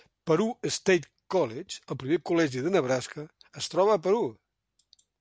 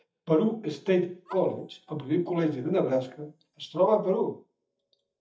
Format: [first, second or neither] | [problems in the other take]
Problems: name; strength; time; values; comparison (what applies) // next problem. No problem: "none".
first | noise reduction (neural mask model DeepFilterNet 3)